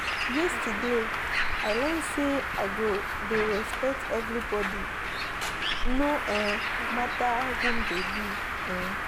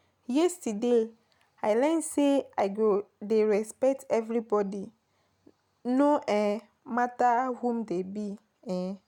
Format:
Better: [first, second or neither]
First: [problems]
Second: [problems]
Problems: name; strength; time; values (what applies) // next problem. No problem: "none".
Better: second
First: background sound (Bird); 2 dB above the speech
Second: none